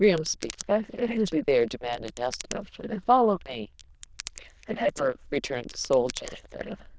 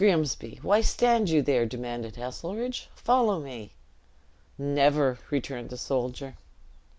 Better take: second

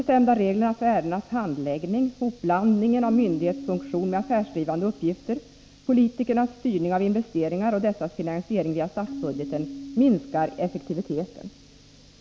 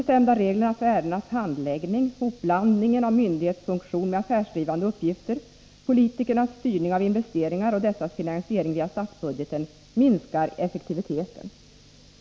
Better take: second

